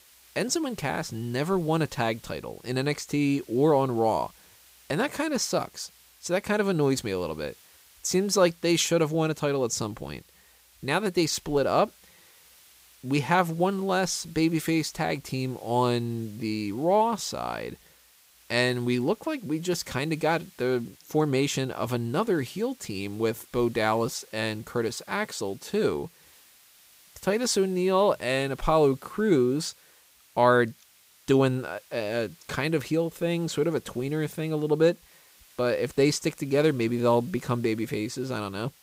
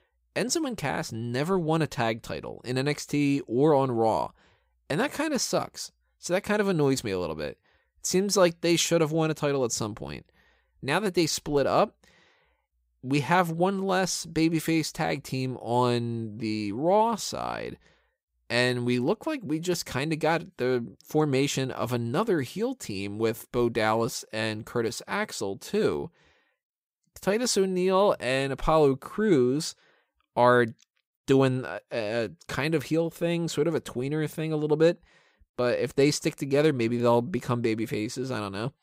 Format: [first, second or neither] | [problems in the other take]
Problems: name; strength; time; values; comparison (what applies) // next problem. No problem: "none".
second | hiss; faint; throughout; 25 dB below the speech